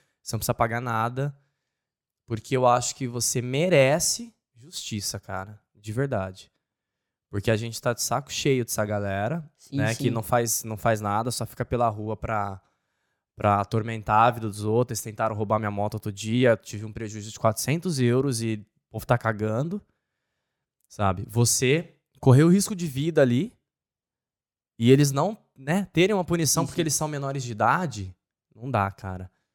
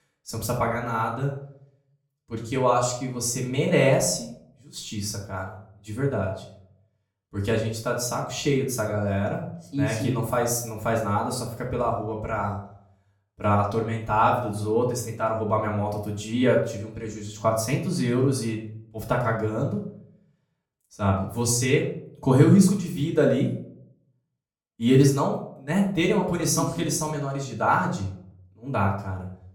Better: first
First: none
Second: off-mic speech; far // room echo; slight; dies away in 0.5 s

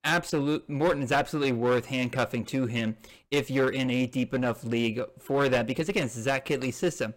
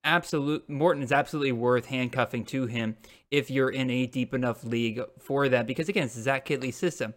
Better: second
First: distortion; slight; 8% of the sound clipped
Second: none

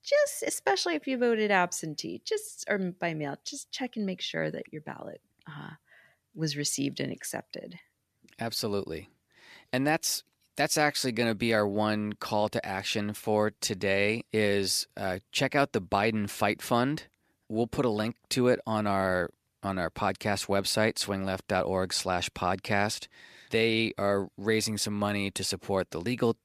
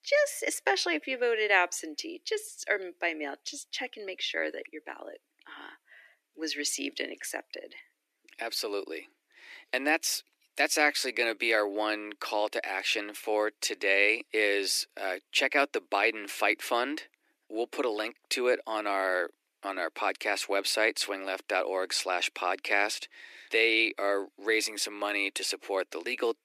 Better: first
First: none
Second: thin; somewhat; fading below 300 Hz

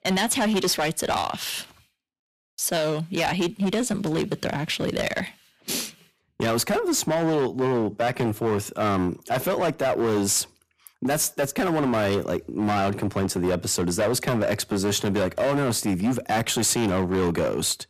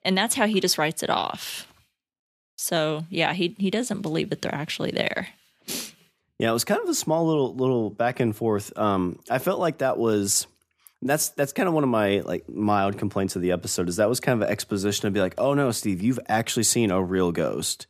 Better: second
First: distortion; heavy; 15% of the sound clipped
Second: none

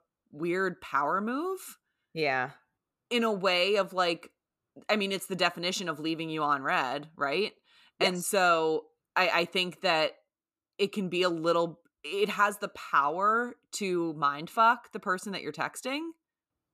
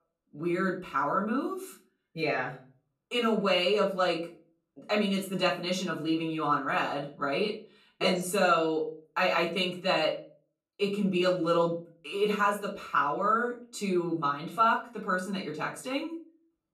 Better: first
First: none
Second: room echo; slight; dies away in 0.3 s // off-mic speech; far

